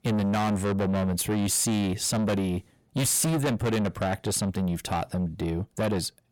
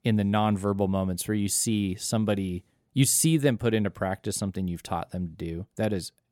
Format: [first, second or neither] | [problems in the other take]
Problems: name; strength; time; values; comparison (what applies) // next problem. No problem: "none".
second | distortion; heavy; 6 dB below the speech